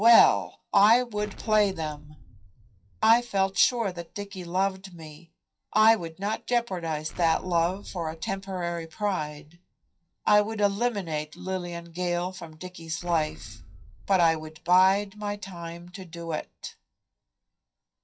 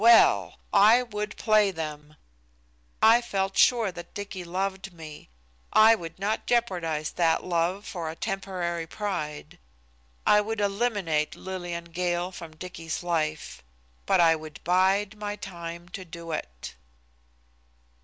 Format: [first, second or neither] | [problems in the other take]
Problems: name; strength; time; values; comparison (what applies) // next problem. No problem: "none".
second | noise reduction (classical method WPE with log-MMSE)